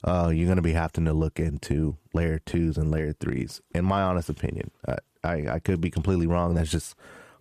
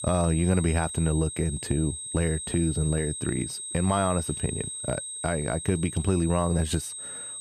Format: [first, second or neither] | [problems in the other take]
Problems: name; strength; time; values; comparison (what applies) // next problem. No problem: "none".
first | high-pitched whine; loud; throughout; 8.5 kHz, 6 dB below the speech